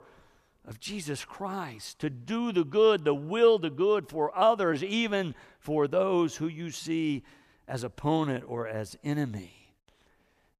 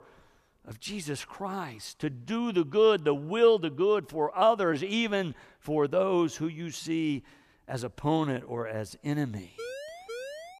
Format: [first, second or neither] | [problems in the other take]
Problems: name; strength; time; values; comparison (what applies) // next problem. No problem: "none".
first | siren; faint; from 9.5 s on; peak 10 dB below the speech